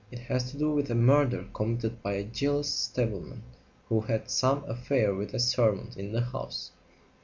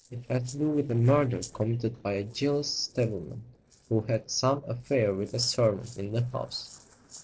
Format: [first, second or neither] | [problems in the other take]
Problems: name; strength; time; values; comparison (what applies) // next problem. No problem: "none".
first | noise reduction (neural separator model SepFormer DNS4)